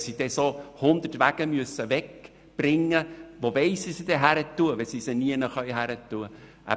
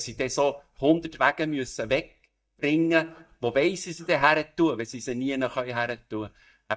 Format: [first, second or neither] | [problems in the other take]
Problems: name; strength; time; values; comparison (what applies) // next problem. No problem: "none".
first | noise reduction (neural mask model DeepFilterNet 3)